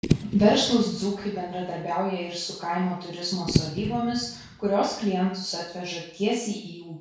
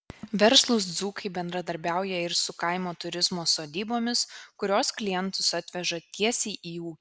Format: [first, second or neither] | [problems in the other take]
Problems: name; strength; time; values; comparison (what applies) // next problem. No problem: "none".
second | background sound (Fireworks / Boom); 8 dB below the speech // room echo; dies away in 0.6 s